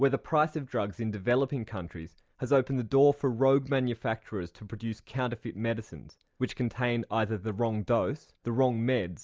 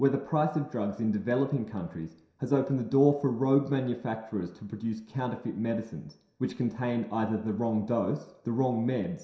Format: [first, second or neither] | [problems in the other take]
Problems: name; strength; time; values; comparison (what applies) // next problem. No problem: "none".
first | room echo; dies away in 0.7 s